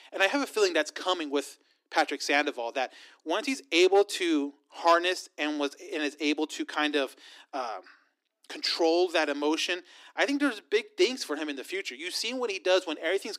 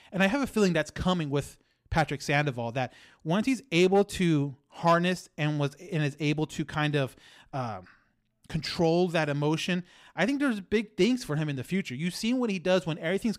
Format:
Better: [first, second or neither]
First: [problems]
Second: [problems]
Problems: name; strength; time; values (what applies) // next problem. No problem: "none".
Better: second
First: thin; somewhat; fading below 300 Hz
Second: none